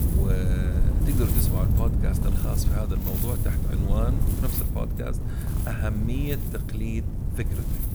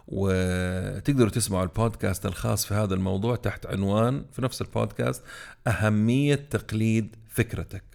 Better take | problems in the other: second | wind noise on the microphone; heavy; 1 dB below the speech

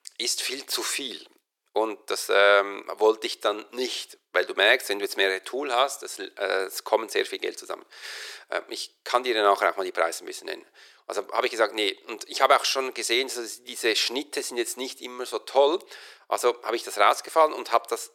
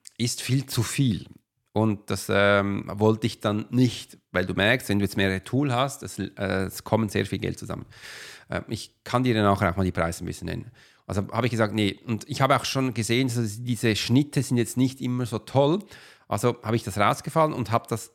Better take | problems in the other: second | thin; very; fading below 400 Hz

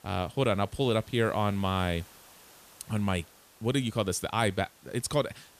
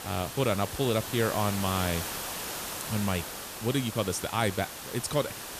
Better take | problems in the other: first | hiss; loud; throughout; 6 dB below the speech; faint in the first

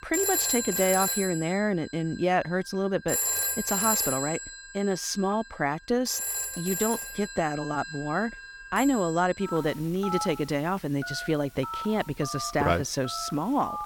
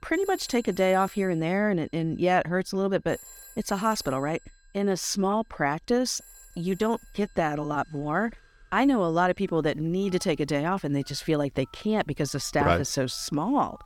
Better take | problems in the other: second | alarms or sirens; loud; throughout; 2 dB below the speech; faint in the second

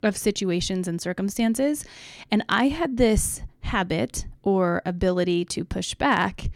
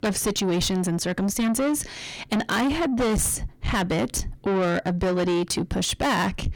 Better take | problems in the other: first | distortion; heavy; 6 dB below the speech

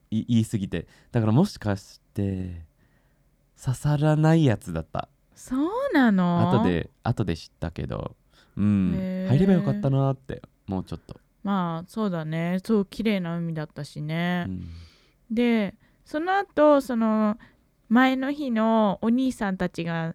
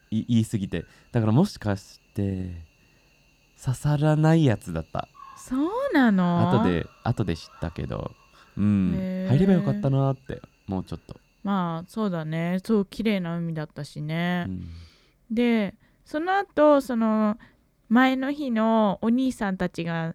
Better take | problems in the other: first | animal sounds; faint; throughout; 30 dB below the speech

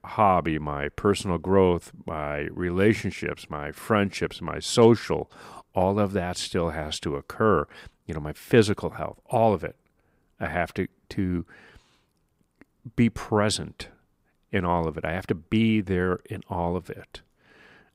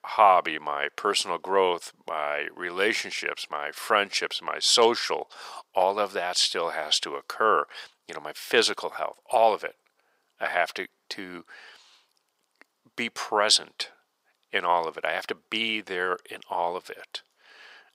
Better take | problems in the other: first | thin; very; fading below 700 Hz

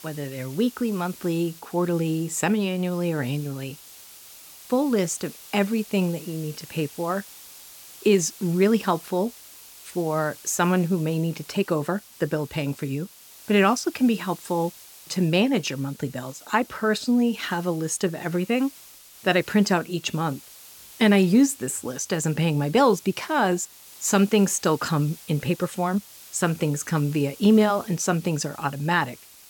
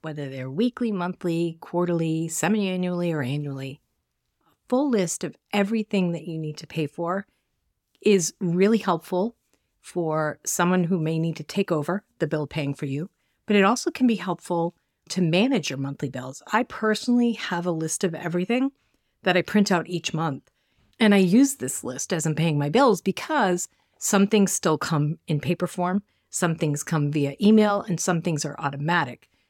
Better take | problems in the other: second | hiss; noticeable; throughout; 20 dB below the speech

